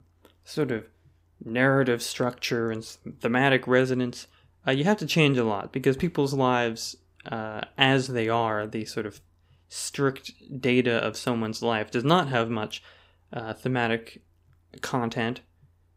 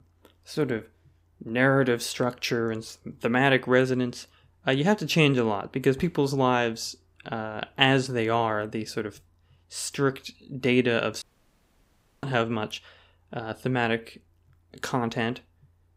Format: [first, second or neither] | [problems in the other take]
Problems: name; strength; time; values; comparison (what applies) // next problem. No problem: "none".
first | audio cutting out; at 11 s for 1 s